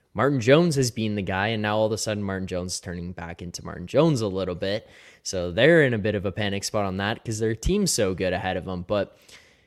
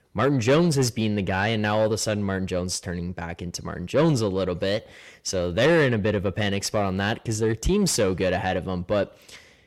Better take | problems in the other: first | distortion; slight; 10 dB below the speech

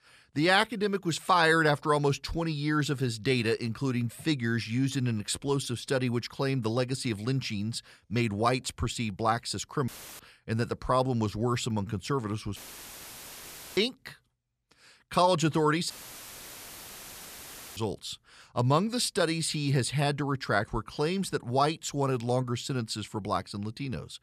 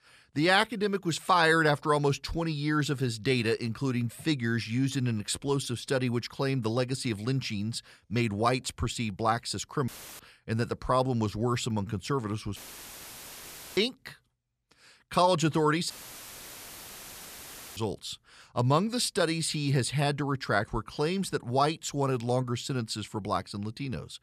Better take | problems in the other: neither | audio cutting out; filled with static; at 10 s, at 13 s for 1 s and at 16 s for 2 s; the same in both

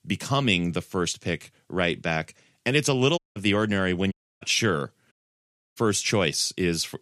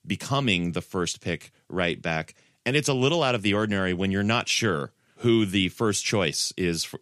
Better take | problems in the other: second | audio cutting out; at 3 s, at 4 s and at 5 s for 0.5 s

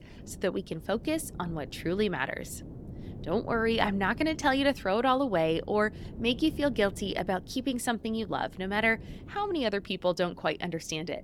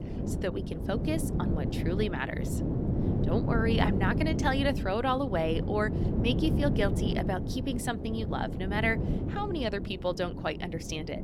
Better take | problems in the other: first | wind noise on the microphone; heavy; 7 dB below the speech; occasional gusts in the first

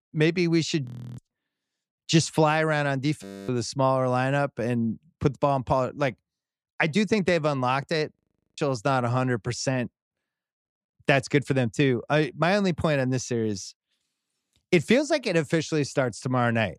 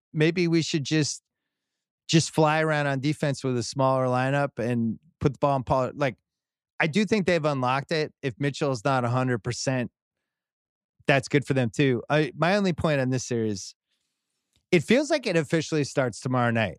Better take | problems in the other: second | audio freezing; at 1 s, at 3 s and at 8 s

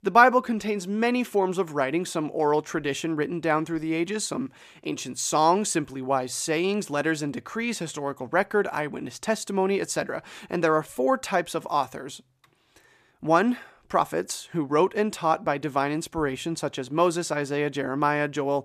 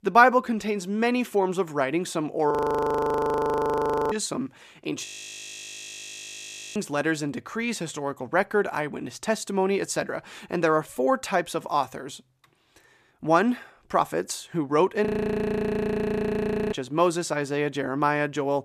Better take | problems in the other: first | audio freezing; at 2.5 s for 1.5 s, at 5 s for 1.5 s and at 15 s for 1.5 s

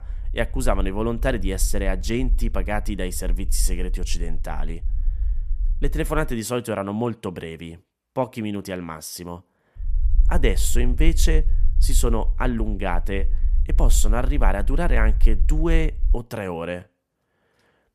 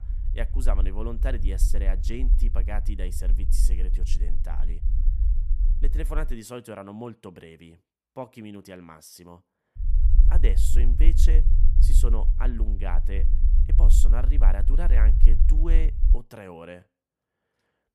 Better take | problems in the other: first | low rumble; loud; until 6.5 s and from 10 to 16 s; 8 dB below the speech; faint in the first

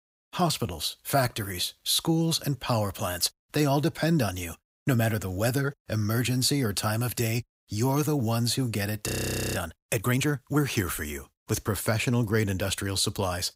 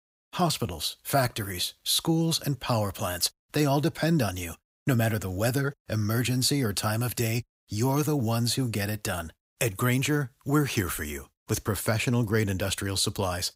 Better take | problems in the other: second | audio freezing; at 9 s

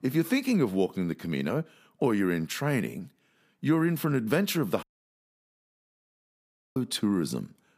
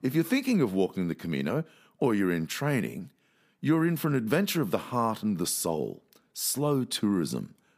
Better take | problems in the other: second | audio cutting out; at 5 s for 2 s

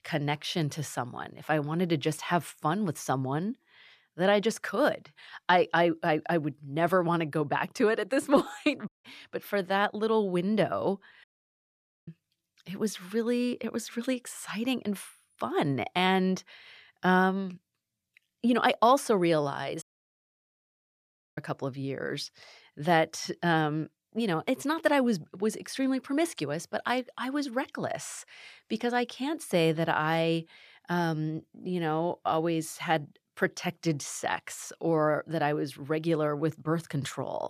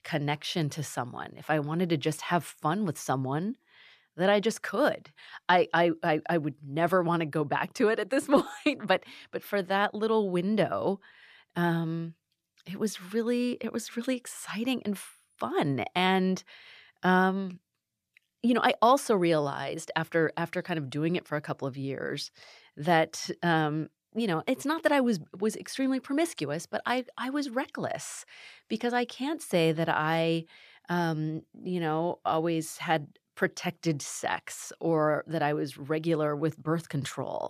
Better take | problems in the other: second | audio cutting out; at 9 s, at 11 s for 1 s and at 20 s for 1.5 s

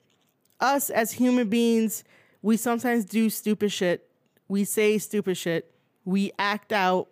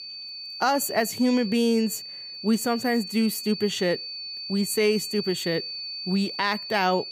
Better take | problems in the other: first | high-pitched whine; loud; throughout; 4.5 kHz, 8 dB below the speech

